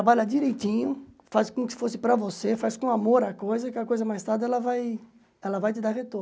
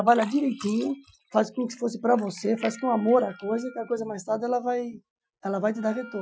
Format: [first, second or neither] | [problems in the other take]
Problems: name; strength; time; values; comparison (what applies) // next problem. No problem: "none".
first | noise reduction (classical method Wiener filter)